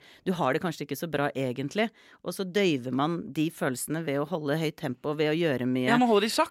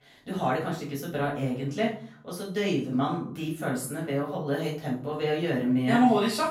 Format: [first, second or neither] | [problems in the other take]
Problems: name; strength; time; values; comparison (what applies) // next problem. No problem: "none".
first | off-mic speech; far // room echo; noticeable; dies away in 0.5 s